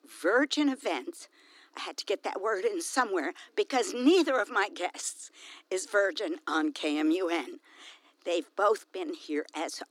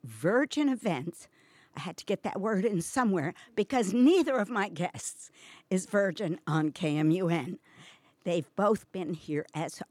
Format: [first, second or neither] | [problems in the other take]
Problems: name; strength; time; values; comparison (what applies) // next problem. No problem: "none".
second | thin; very slightly; fading below 300 Hz